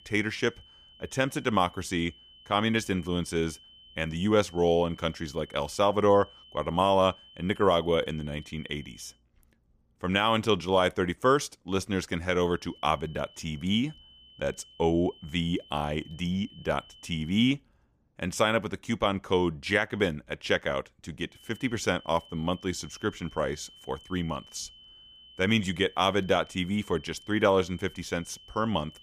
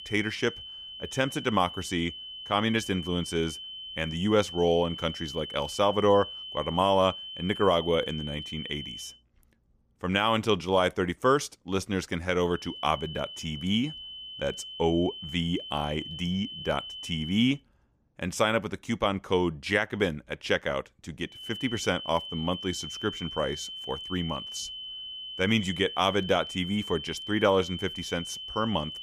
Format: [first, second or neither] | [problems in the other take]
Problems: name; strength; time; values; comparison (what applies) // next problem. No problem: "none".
first | high-pitched whine; loud; until 9 s, from 13 to 17 s and from 21 s on; 3 kHz, 9 dB below the speech; faint in the first